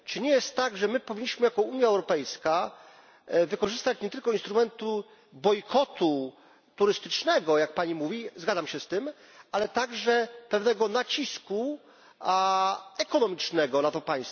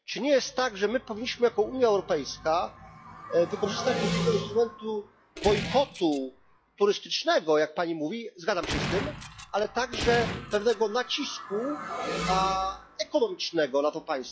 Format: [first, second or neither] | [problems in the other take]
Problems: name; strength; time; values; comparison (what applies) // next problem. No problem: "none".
first | noise reduction (classical method log-MMSE)